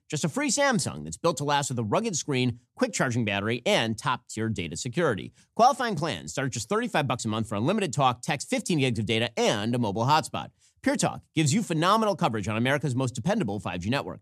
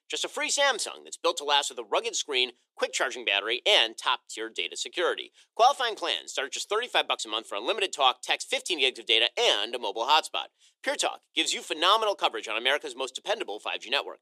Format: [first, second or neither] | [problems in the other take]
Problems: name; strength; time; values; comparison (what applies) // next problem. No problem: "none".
first | thin; very; fading below 350 Hz